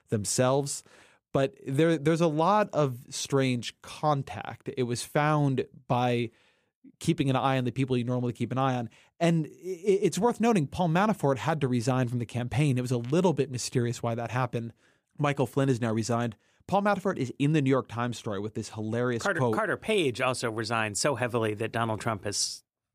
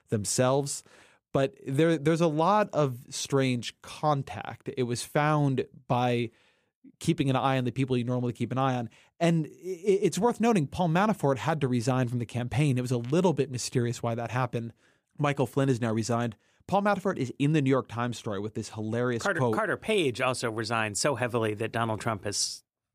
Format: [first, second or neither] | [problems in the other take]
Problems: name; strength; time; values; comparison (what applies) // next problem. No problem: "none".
neither | none